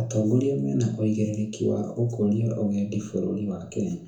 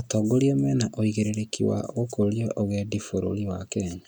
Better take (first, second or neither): second